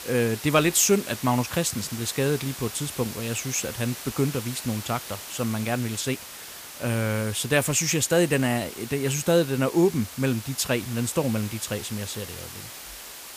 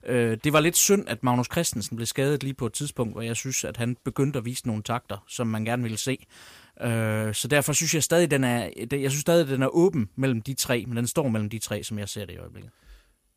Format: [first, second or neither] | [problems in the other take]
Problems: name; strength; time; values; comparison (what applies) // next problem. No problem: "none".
second | hiss; noticeable; throughout; 10 dB below the speech